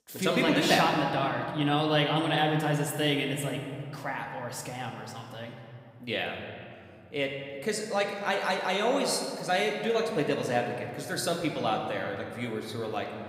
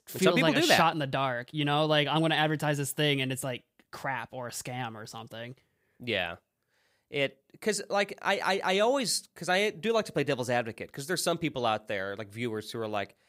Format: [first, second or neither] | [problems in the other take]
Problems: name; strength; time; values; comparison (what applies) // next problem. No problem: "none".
second | room echo; noticeable; dies away in 2.1 s